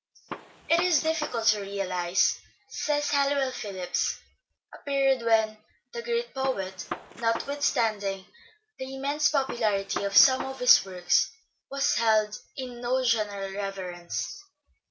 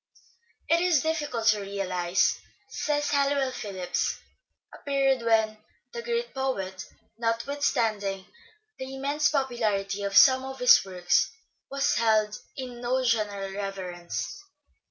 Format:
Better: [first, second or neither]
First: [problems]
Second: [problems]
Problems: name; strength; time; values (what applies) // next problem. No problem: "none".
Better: second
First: background sound (Gunshot, gunfire); 11 dB below the speech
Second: none